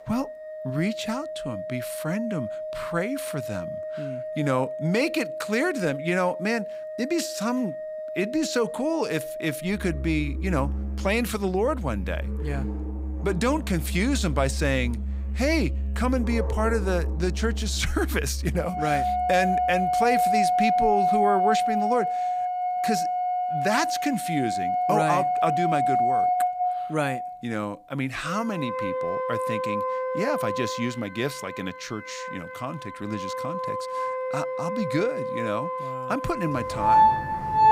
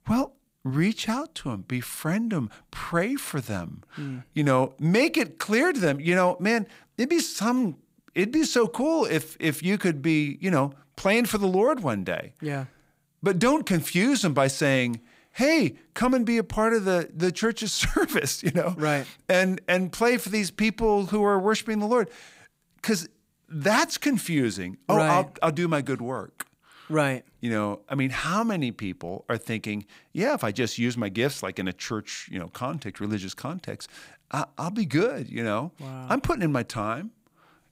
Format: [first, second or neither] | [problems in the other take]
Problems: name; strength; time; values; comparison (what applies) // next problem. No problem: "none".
second | background music; very loud; throughout; as loud as the speech